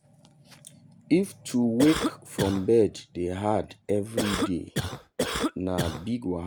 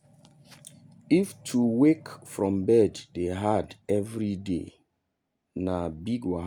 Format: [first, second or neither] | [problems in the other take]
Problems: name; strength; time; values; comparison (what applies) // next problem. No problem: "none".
second | background sound (Cough); 3 dB below the speech